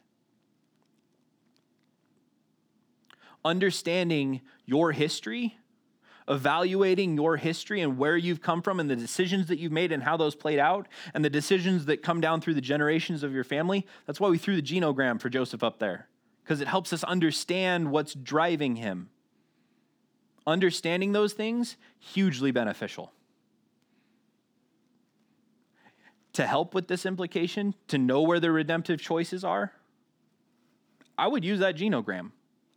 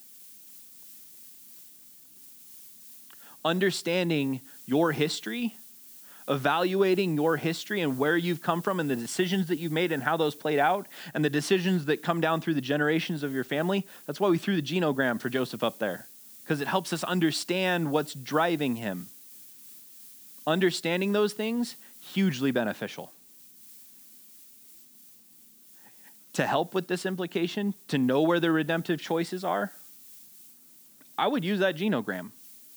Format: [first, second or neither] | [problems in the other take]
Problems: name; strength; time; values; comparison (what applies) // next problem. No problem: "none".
first | hiss; noticeable; throughout; 20 dB below the speech